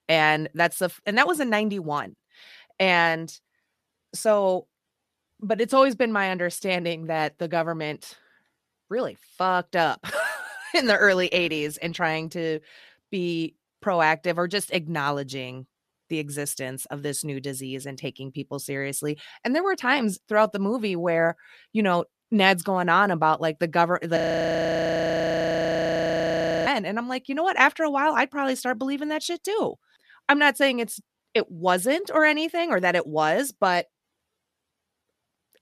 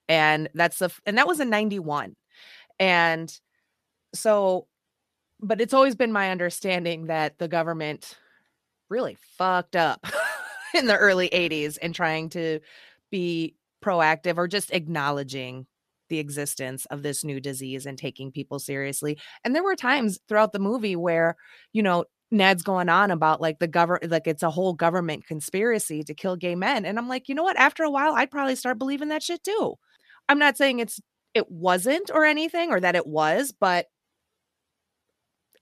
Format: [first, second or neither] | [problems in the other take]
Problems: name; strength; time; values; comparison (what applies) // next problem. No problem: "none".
second | audio freezing; at 24 s for 2.5 s